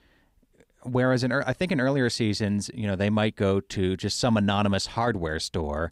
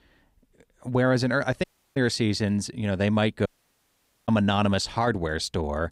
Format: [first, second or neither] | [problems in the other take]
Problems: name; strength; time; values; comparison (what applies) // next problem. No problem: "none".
first | audio cutting out; at 1.5 s and at 3.5 s for 1 s